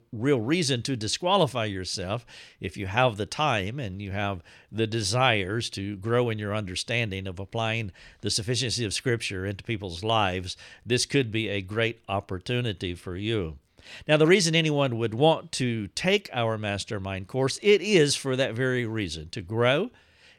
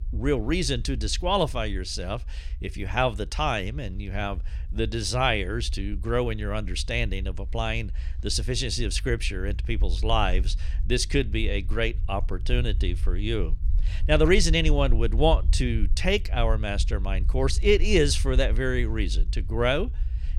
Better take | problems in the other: first | low rumble; faint; throughout; 25 dB below the speech

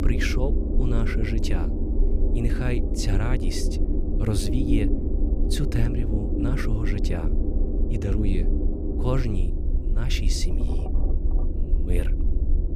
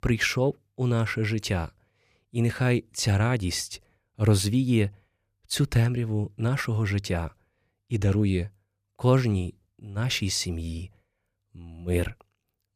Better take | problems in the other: second | low rumble; loud; throughout; 2 dB below the speech

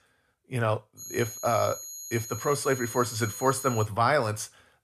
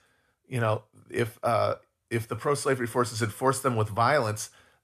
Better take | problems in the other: second | high-pitched whine; loud; from 1 to 4 s; 6.5 kHz, 10 dB below the speech

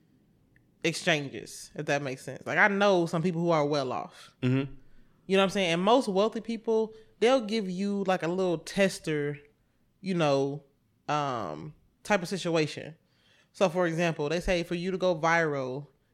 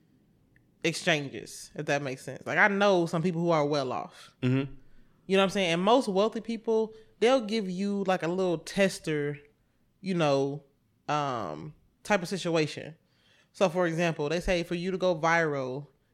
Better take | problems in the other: neither | none

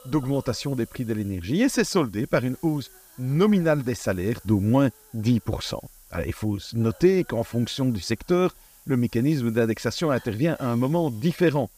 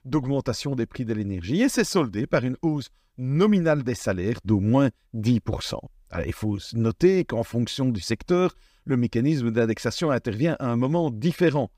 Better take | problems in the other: second | hiss; faint; throughout; 25 dB below the speech

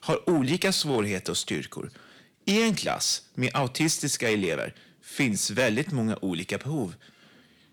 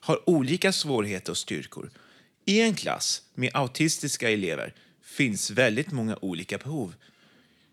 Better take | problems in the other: second | distortion; slight; 10 dB below the speech

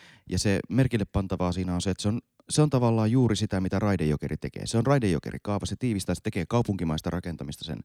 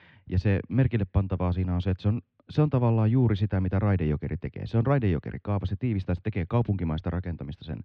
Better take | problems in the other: first | muffled; very; fading above 3 kHz

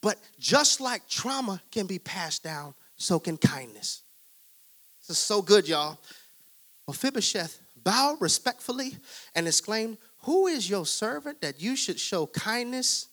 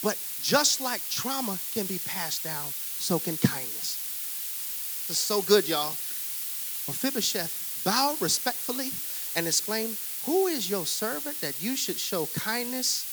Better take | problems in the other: first | hiss; loud; throughout; 2 dB below the speech; faint in the first

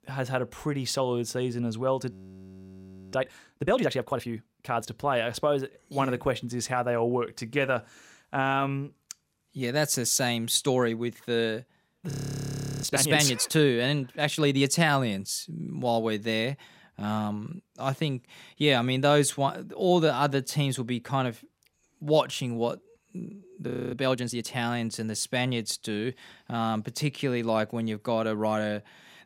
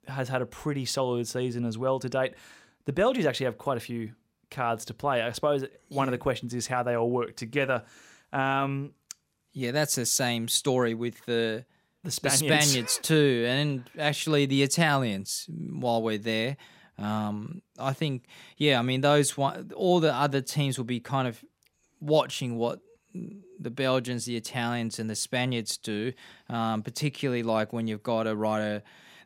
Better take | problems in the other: second | audio freezing; at 2 s for 1 s, at 12 s for 0.5 s and at 24 s

